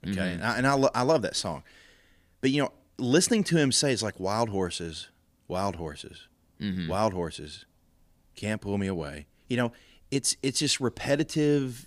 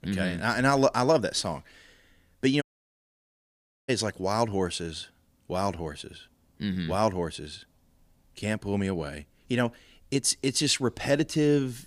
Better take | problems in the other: first | audio cutting out; at 2.5 s for 1.5 s

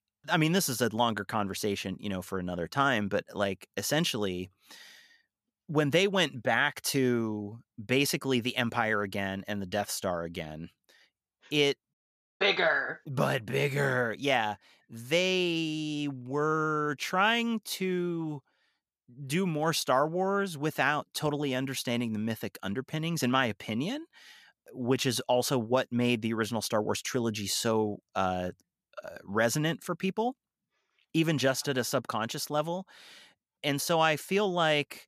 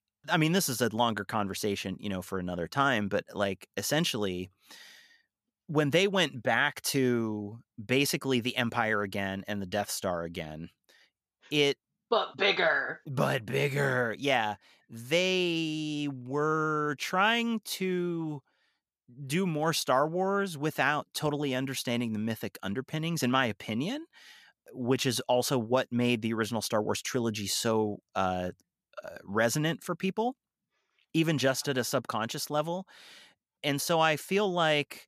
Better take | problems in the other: second | audio cutting out; at 12 s

